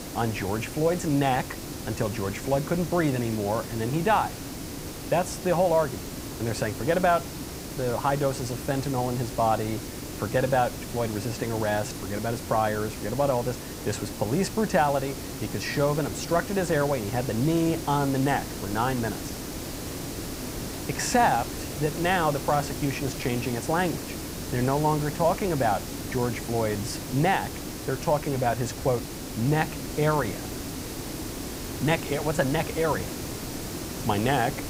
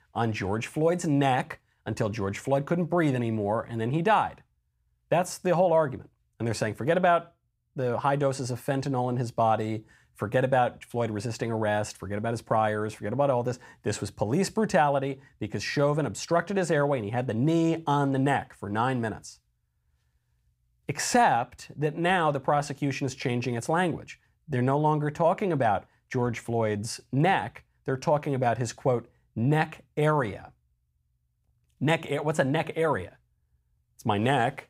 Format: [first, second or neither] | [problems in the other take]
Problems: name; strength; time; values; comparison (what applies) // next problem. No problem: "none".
second | hiss; loud; throughout; 8 dB below the speech